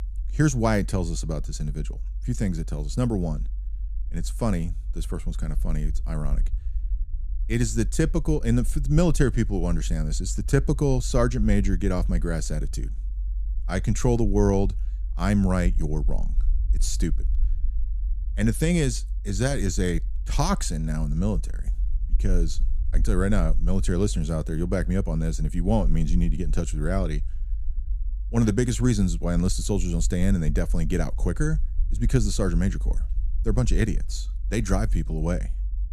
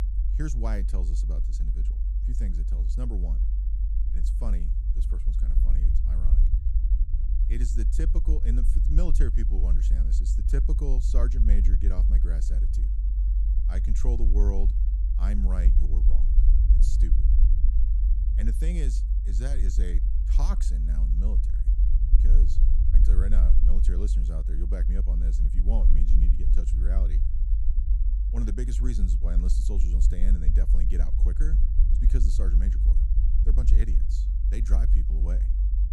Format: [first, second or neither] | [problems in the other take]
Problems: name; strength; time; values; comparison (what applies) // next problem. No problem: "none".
first | low rumble; loud; throughout; 4 dB below the speech; faint in the first